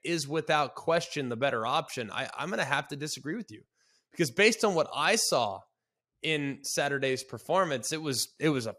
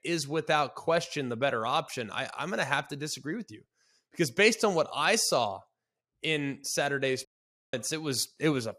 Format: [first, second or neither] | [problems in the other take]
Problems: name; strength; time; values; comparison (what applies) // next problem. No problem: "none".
first | audio cutting out; at 7.5 s